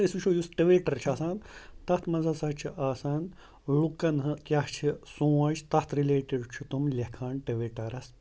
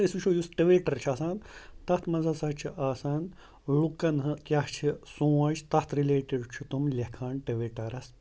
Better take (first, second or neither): second